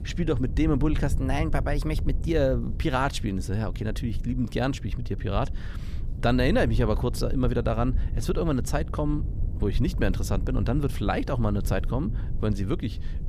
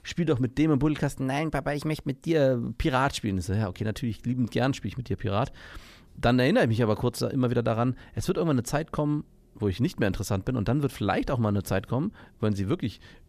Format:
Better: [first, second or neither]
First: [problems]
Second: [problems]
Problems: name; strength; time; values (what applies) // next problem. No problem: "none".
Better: second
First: low rumble; noticeable; throughout; 15 dB below the speech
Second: none